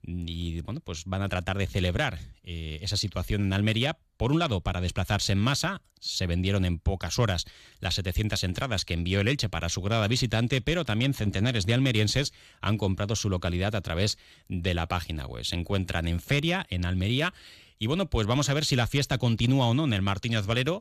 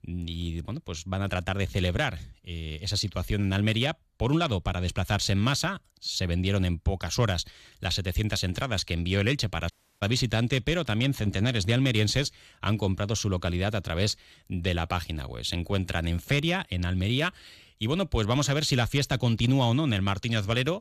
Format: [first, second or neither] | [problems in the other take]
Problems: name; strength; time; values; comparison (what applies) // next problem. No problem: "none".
first | audio cutting out; at 9.5 s